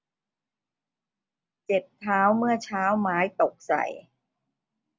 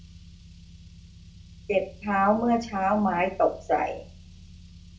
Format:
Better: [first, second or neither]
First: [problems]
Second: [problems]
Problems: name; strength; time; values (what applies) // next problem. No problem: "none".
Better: first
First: none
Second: background sound (Car); 19 dB below the speech // room echo; dies away in 0.3 s